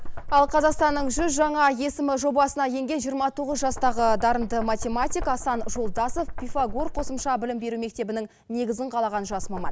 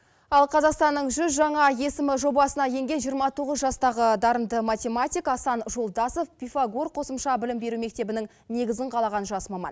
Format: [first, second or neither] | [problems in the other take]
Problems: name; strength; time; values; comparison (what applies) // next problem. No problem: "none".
second | background sound (Knock); 6 dB below the speech